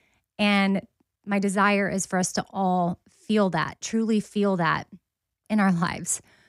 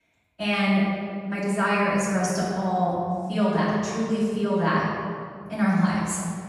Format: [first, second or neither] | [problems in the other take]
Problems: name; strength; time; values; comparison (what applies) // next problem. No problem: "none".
first | off-mic speech; far // room echo; strong; dies away in 1.9 s